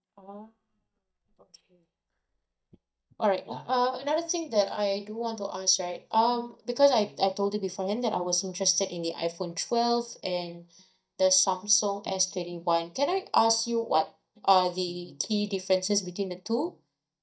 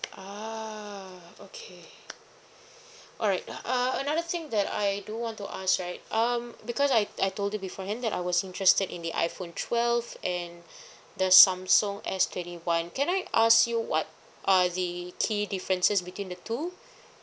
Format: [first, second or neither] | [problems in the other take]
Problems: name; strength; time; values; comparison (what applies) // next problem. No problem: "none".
second | noise reduction (neural mask model DeepFilterNet 3)